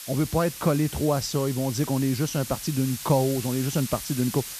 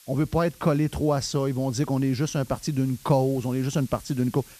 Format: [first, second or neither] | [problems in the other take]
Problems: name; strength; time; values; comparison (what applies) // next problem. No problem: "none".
second | hiss; loud; throughout; 9 dB below the speech; faint in the second